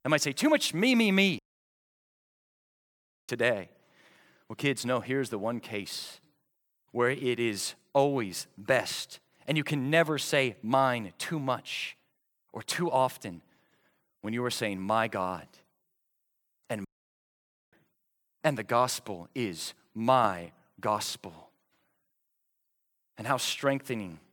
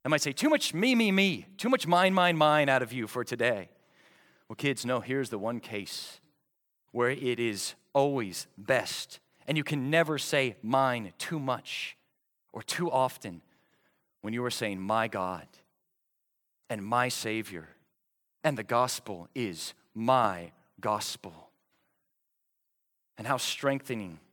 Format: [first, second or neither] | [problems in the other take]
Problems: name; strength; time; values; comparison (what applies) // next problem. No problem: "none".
second | audio cutting out; at 1.5 s for 2 s and at 17 s for 1 s